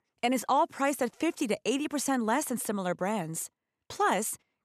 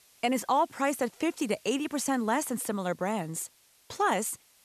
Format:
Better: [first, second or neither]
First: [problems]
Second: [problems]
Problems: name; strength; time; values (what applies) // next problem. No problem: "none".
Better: first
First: none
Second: hiss; faint; throughout; 30 dB below the speech